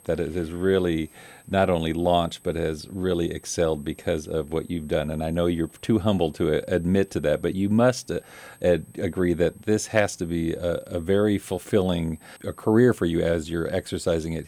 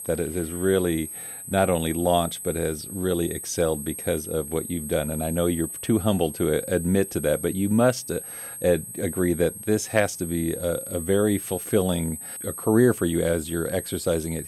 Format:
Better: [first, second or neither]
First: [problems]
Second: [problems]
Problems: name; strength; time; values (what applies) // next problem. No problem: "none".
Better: first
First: high-pitched whine; faint; throughout; 8.5 kHz, 30 dB below the speech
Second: high-pitched whine; loud; throughout; 8.5 kHz, 9 dB below the speech